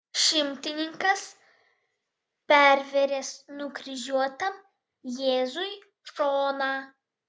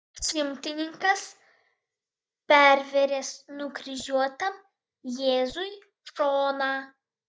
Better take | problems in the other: first | noise reduction (neural mask model DeepFilterNet 3)

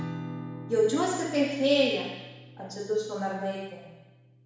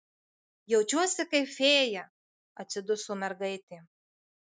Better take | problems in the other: second | background sound (Acoustic guitar / Strum); 13 dB below the speech // room echo; dies away in 1.1 s

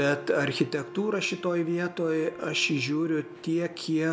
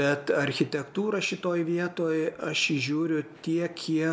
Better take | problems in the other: second | background sound (Wind instrument, woodwind instrument); 16 dB below the speech

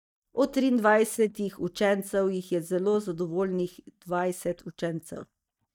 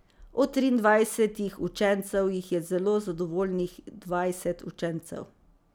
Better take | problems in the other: second | noise reduction (neural mask model DeepFilterNet 3)

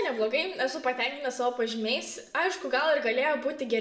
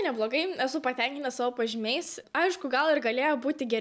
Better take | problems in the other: second | room echo; dies away in 0.7 s

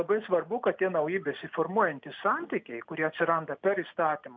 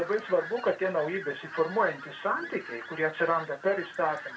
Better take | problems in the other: first | background sound (Fowl); 14 dB below the speech // room echo; dies away in 0.2 s

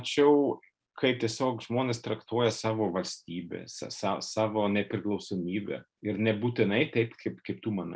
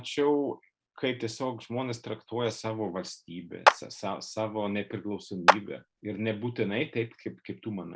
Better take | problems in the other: first | background sound (Clapping); 4 dB above the speech

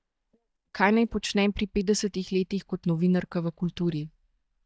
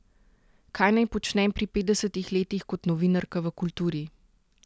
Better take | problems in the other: second | noise reduction (neural mask model DeepFilterNet 3)

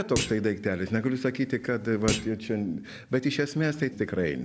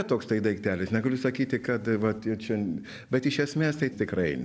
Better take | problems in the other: second | background sound (Thump, thud); 9 dB below the speech

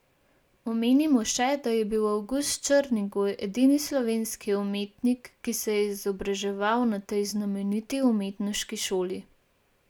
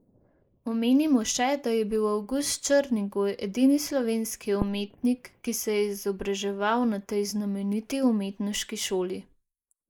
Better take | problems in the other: first | noise reduction (neural mask model Resemble Enhance denoiser)

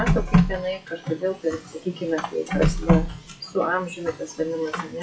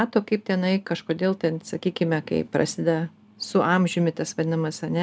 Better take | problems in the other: second | noise reduction (classical method WPE with log-MMSE)

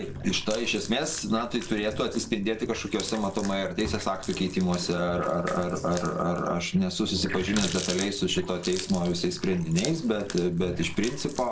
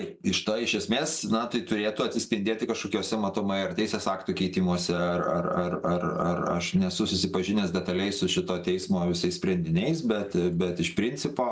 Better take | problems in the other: second | background sound (Water tap, faucet); 10 dB below the speech

